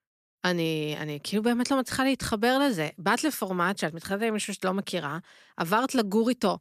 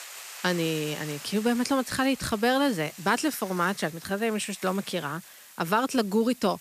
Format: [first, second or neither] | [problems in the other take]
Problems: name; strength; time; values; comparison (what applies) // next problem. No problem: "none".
first | hiss; noticeable; throughout; 15 dB below the speech